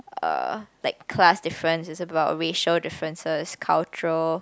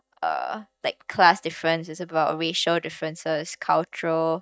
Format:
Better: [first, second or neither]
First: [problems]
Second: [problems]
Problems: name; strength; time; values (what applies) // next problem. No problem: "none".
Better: first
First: none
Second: noise reduction (neural mask model DeepFilterNet 3)